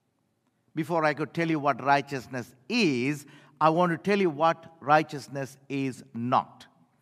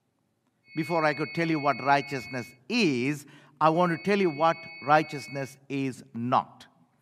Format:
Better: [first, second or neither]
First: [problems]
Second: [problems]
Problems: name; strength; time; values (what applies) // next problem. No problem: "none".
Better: first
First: none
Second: high-pitched whine; noticeable; from 1 to 2.5 s and from 4 to 5.5 s; 2 kHz, 15 dB below the speech